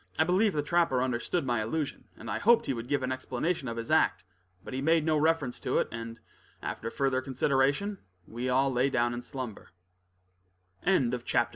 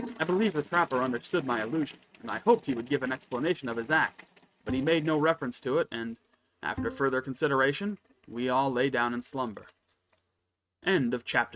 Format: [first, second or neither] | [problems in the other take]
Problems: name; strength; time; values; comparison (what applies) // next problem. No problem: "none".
first | noise reduction (neural mask model RNNoise)